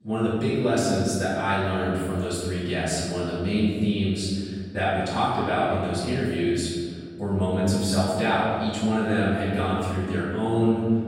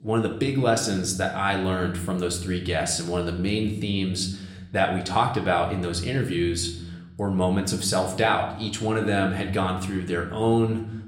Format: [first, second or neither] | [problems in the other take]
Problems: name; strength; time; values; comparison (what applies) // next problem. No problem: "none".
second | room echo; strong; dies away in 1.9 s; slight in the second // off-mic speech; far; somewhat distant in the second